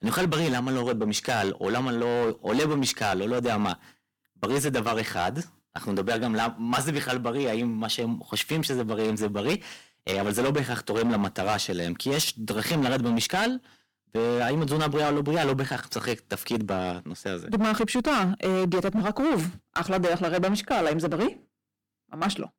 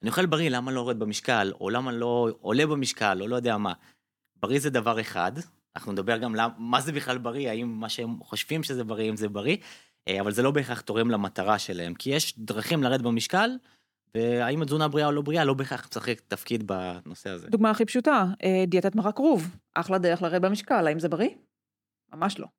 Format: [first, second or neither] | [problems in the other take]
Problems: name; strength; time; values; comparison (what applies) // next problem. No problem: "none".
second | distortion; heavy; 15% of the sound clipped